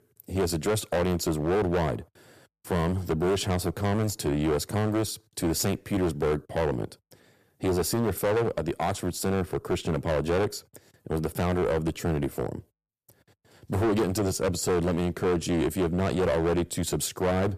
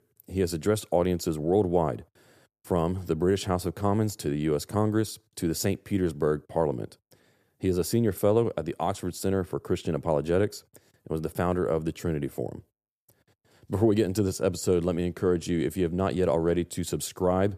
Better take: second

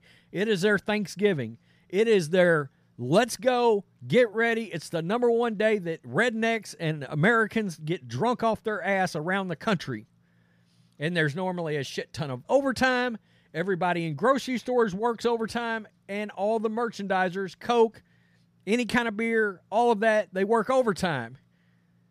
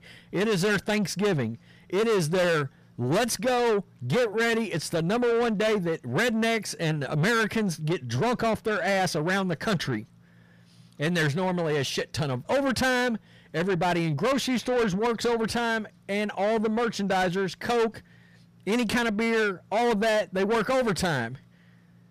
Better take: first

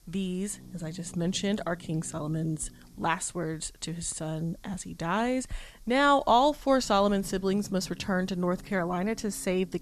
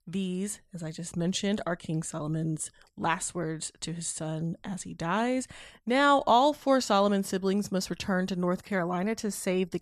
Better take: second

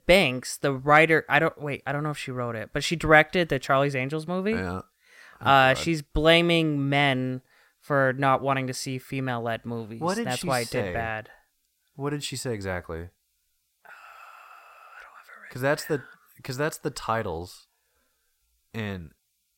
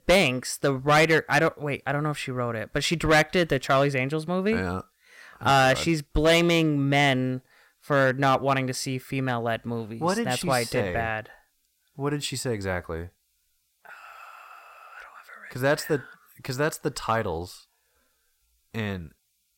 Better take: first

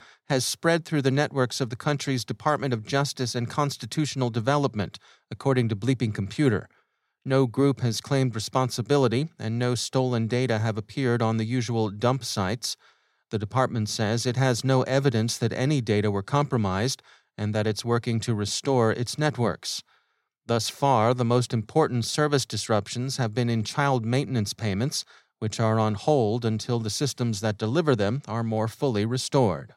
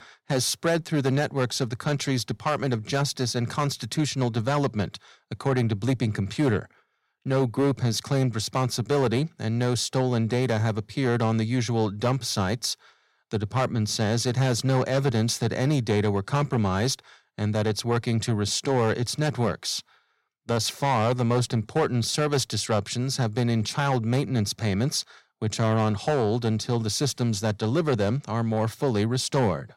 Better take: first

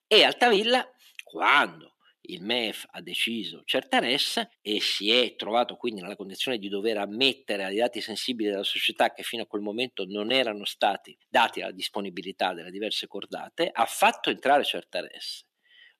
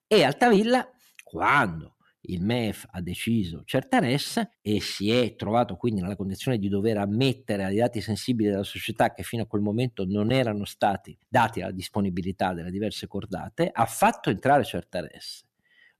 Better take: second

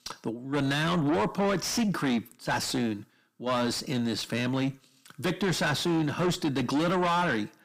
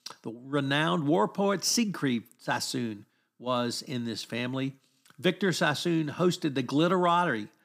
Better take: second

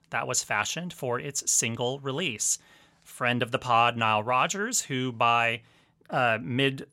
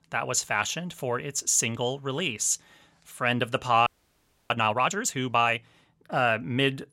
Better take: first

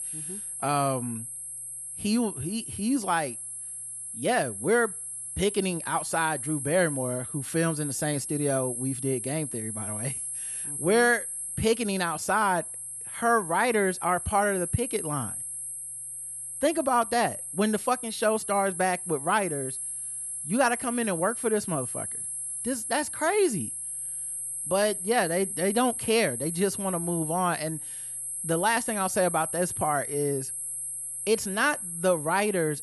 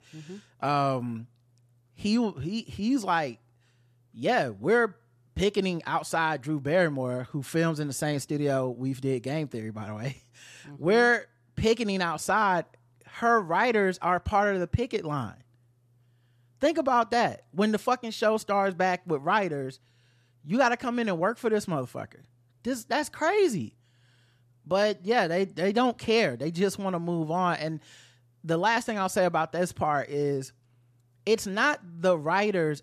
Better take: second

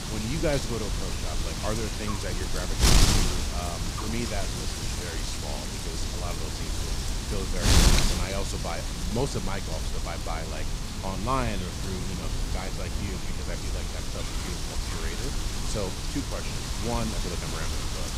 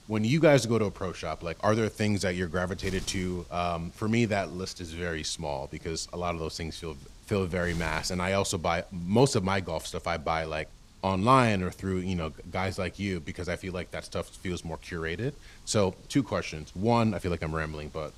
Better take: second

